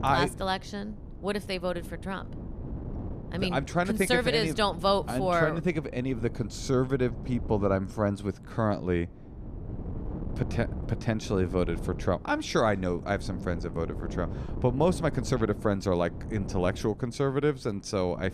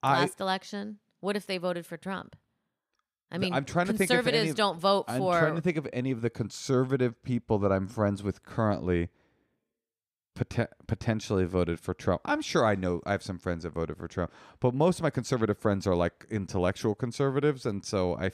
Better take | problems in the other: second | wind noise on the microphone; occasional gusts; 15 dB below the speech

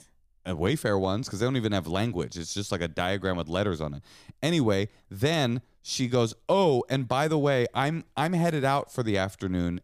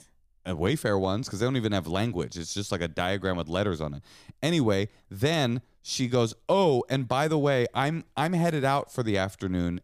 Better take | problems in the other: neither | none

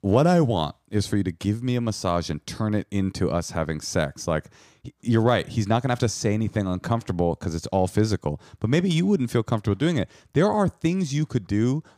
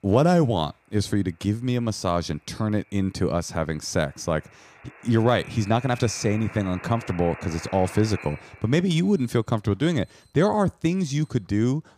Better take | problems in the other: first | alarms or sirens; noticeable; throughout; 15 dB below the speech

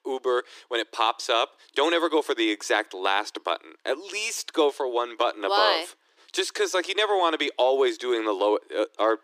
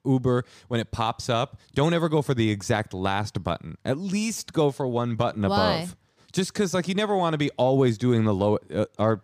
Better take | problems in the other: second | thin; very; fading below 300 Hz

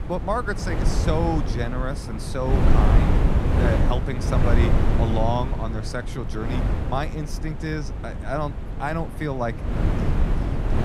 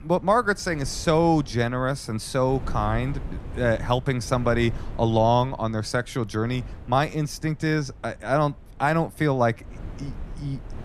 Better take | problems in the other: second | wind noise on the microphone; heavy; 3 dB below the speech; occasional gusts in the second

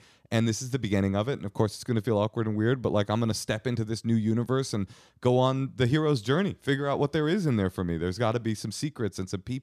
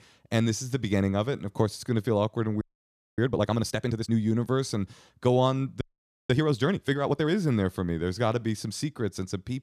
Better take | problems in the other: first | audio freezing; at 2.5 s for 0.5 s and at 6 s

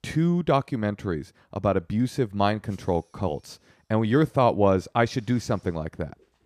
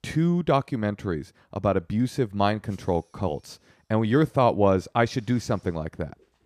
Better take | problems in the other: neither | none

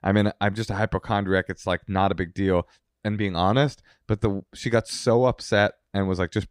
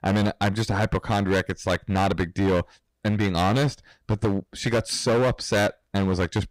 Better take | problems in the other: first | distortion; heavy; 14% of the sound clipped

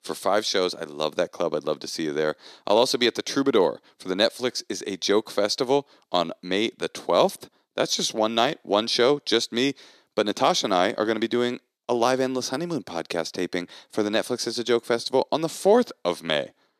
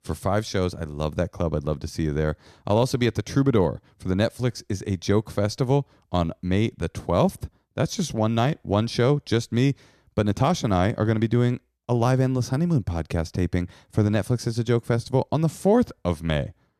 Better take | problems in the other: second | thin; somewhat; fading below 300 Hz

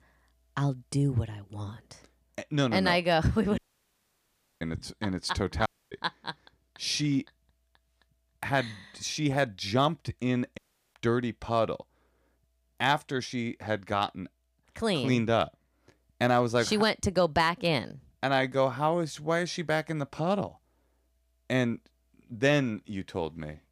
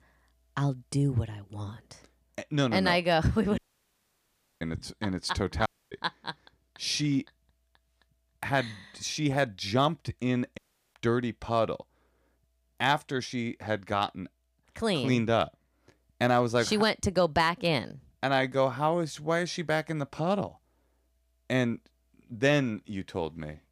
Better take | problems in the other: neither | audio cutting out; at 3.5 s for 1 s, at 5.5 s and at 11 s; the same in both

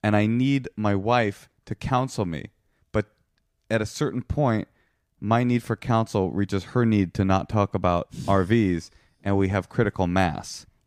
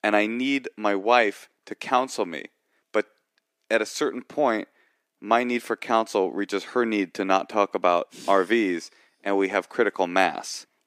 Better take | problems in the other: first | thin; somewhat; fading below 300 Hz

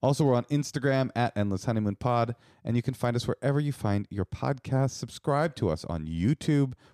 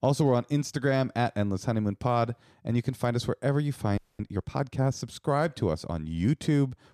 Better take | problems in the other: first | audio freezing; at 4 s

